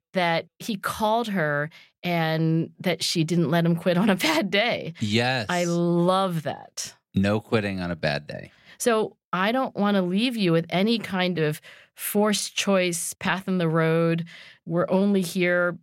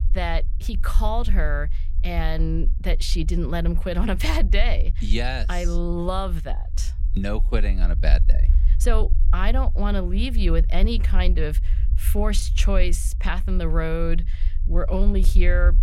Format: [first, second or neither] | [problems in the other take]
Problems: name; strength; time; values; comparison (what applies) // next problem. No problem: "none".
first | low rumble; noticeable; throughout; 15 dB below the speech